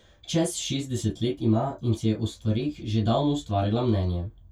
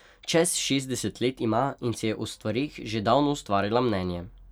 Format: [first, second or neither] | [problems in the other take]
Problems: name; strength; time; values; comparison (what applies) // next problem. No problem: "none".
second | room echo; dies away in 0.1 s